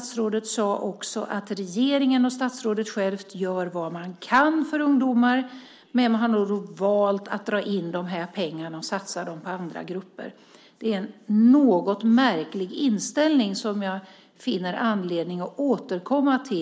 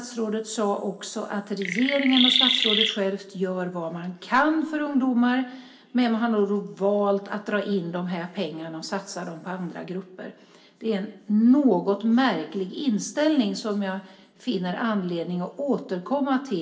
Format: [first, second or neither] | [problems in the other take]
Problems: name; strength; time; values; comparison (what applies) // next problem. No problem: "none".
first | background sound (Chirp, tweet); 2 dB above the speech // room echo; dies away in 0.8 s